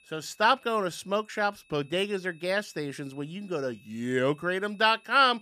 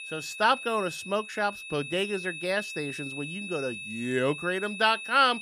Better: first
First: high-pitched whine; faint; throughout; 2.5 kHz, 30 dB below the speech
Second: high-pitched whine; loud; throughout; 2.5 kHz, 8 dB below the speech

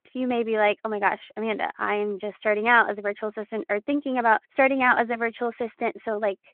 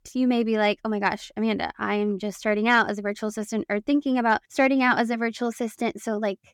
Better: second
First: phone-call audio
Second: none

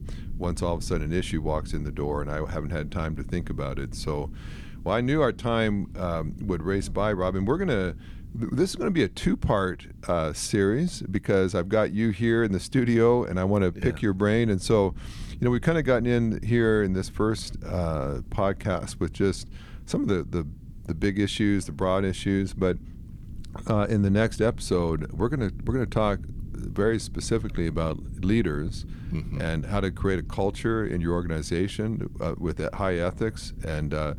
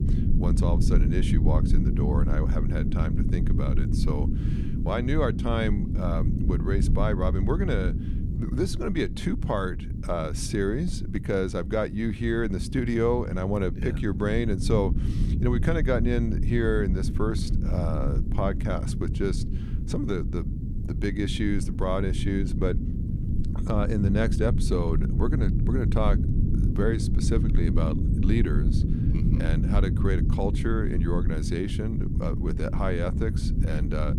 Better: first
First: low rumble; faint; throughout; 25 dB below the speech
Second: low rumble; loud; throughout; 7 dB below the speech

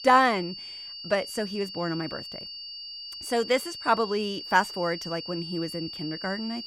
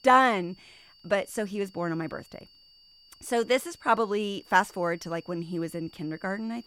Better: second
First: high-pitched whine; loud; throughout; 4.5 kHz, 9 dB below the speech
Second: high-pitched whine; faint; throughout; 4.5 kHz, 25 dB below the speech

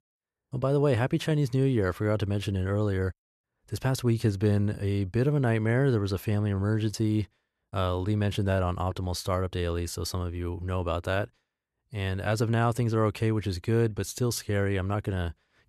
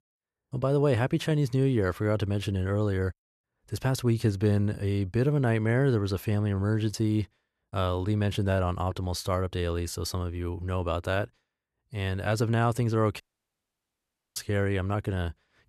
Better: first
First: none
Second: audio cutting out; at 13 s for 1 s

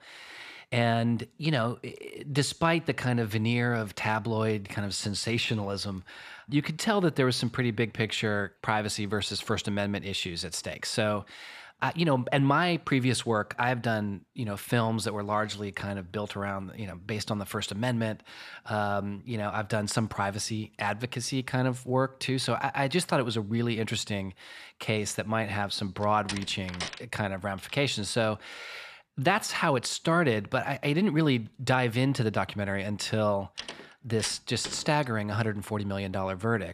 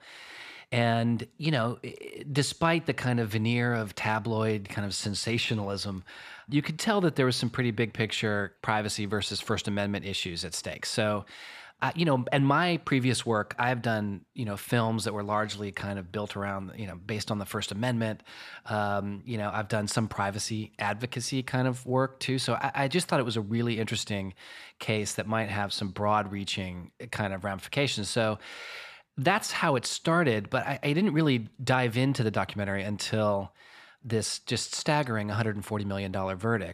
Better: second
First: door banging; noticeable; from 26 to 35 s; peak 7 dB below the speech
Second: none

